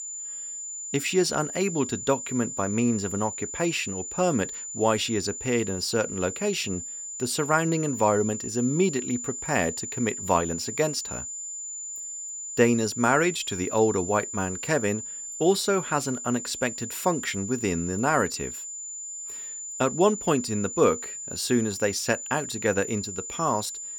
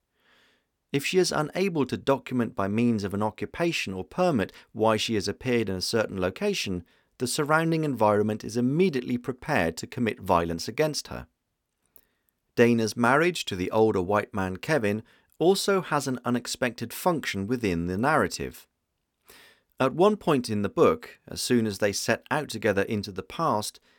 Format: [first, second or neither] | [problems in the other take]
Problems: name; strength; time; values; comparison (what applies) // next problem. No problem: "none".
second | high-pitched whine; loud; throughout; 7 kHz, 7 dB below the speech